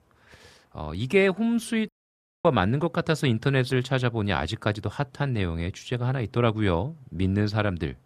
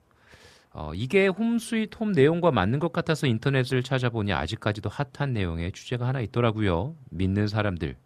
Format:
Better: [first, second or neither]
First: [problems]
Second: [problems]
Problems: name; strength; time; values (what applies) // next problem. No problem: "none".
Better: second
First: audio cutting out; at 2 s for 0.5 s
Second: none